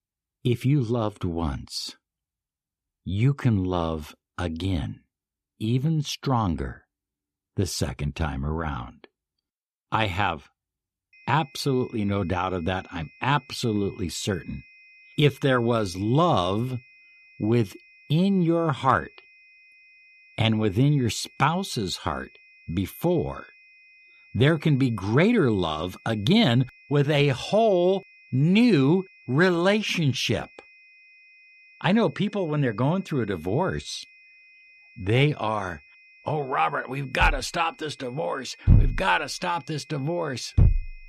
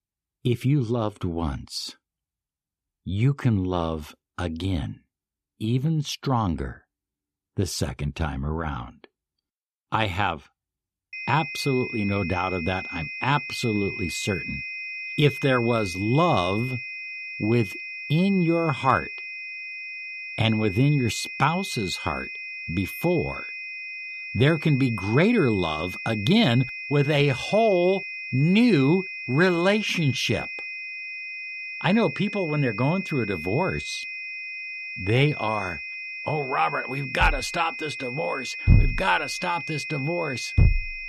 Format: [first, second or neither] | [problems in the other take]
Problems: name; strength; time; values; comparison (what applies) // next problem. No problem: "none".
first | high-pitched whine; loud; from 11 s on; 2.5 kHz, 8 dB below the speech; faint in the first